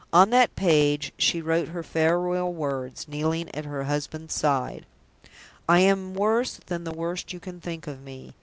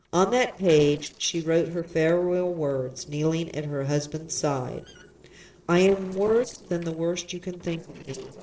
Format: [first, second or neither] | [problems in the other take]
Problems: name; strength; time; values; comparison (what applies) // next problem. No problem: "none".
first | noise reduction (neural separator model SepFormer DNS4)